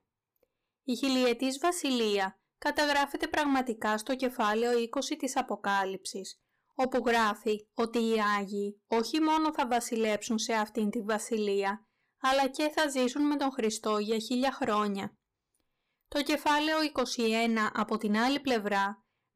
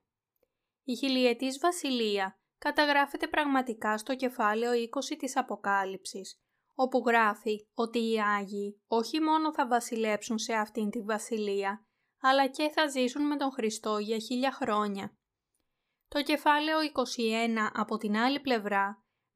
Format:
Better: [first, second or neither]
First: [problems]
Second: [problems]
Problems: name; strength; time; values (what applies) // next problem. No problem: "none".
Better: second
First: distortion; slight; 6% of the sound clipped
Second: none